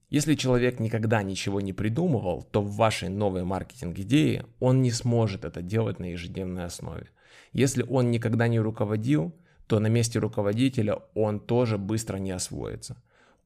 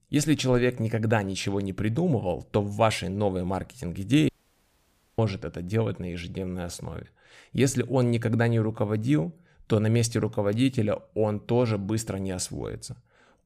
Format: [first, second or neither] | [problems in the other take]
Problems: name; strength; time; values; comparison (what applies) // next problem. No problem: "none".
first | audio cutting out; at 4.5 s for 1 s